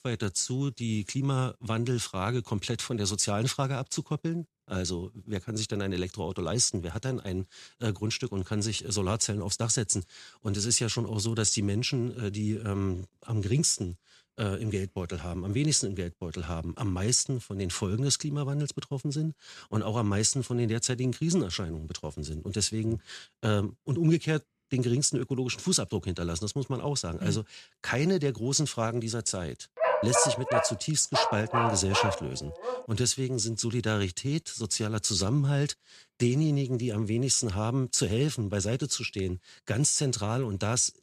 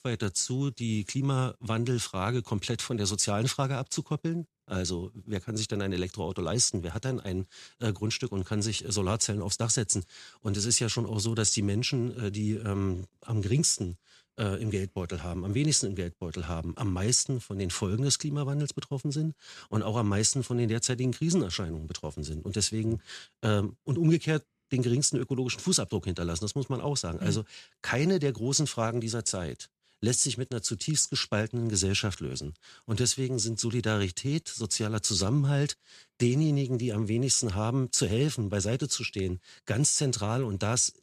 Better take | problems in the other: second | dog barking; loud; from 30 to 33 s; peak 3 dB above the speech

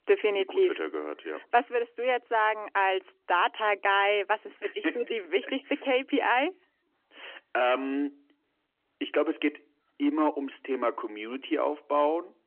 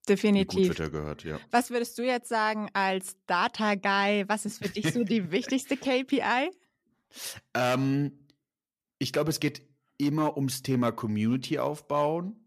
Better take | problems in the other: second | phone-call audio; nothing above 3 kHz

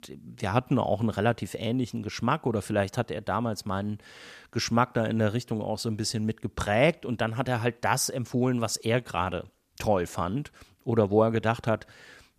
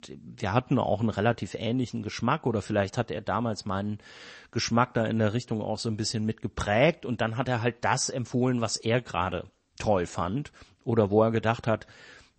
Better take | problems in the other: first | garbled, watery; slightly; nothing above 8 kHz

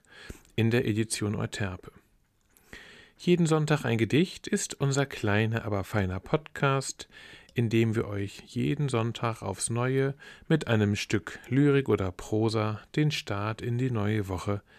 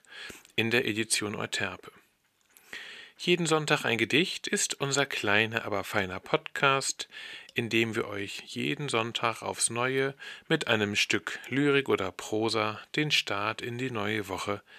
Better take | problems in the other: first | thin; somewhat; fading below 600 Hz

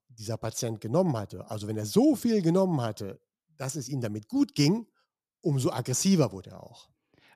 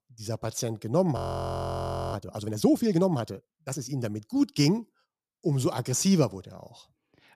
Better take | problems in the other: first | audio freezing; at 1 s for 1 s

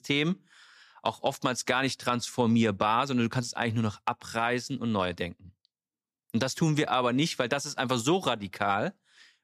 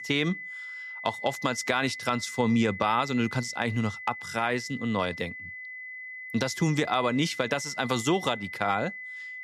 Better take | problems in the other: first | high-pitched whine; loud; throughout; 2 kHz, 10 dB below the speech

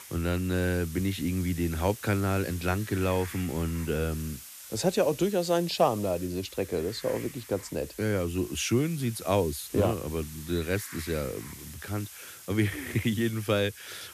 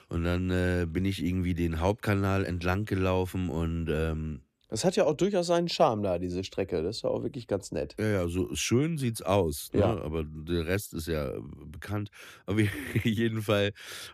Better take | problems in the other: second | hiss; noticeable; throughout; 15 dB below the speech

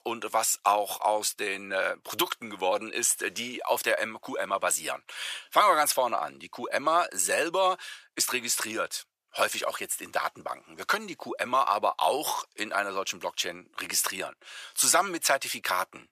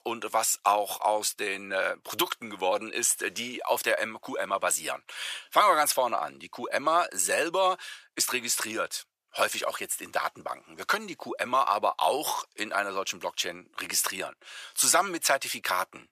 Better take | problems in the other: neither | thin; very; fading below 750 Hz; the same in both

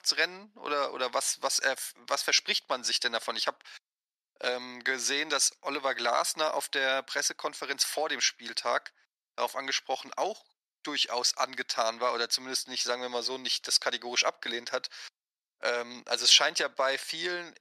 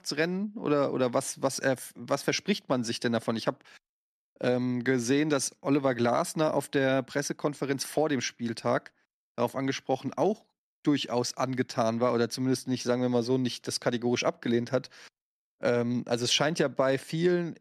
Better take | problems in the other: second | thin; very; fading below 900 Hz

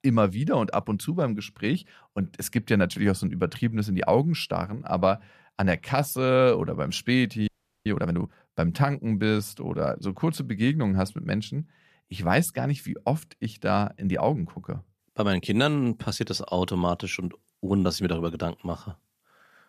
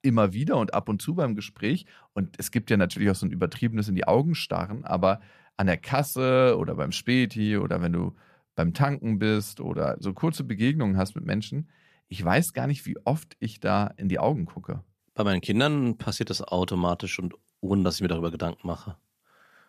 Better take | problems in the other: second | audio freezing; at 7.5 s

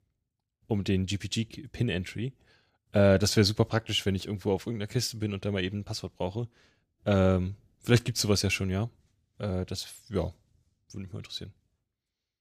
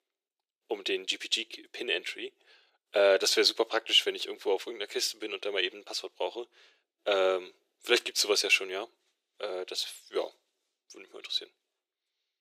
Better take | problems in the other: first | thin; very; fading below 350 Hz

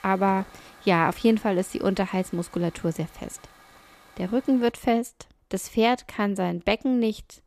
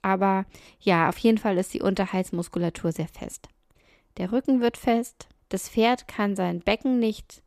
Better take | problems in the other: second | hiss; faint; until 4.5 s; 25 dB below the speech

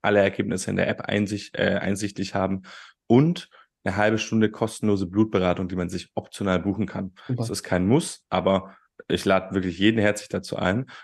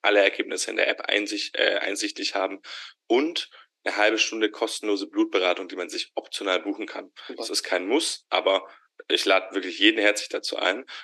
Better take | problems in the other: first | thin; somewhat; fading below 300 Hz

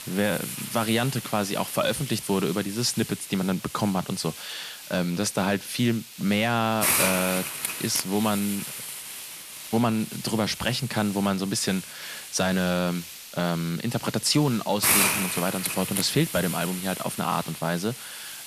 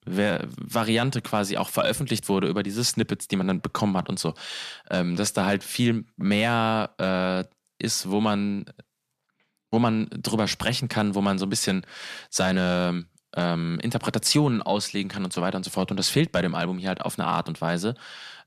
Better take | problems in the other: second | hiss; loud; throughout; 4 dB below the speech

